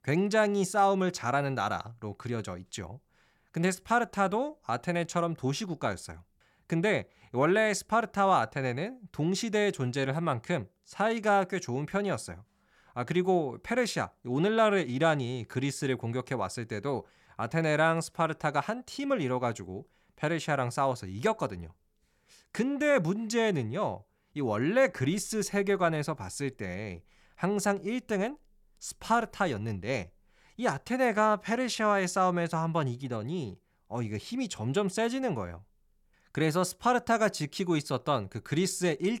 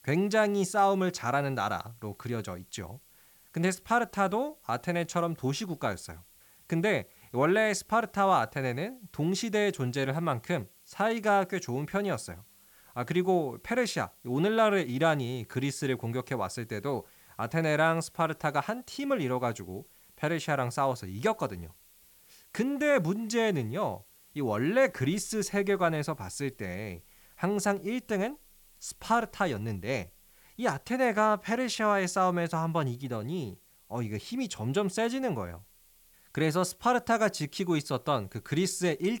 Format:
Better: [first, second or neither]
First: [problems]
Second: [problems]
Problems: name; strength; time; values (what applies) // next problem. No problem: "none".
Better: first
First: none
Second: hiss; faint; throughout; 25 dB below the speech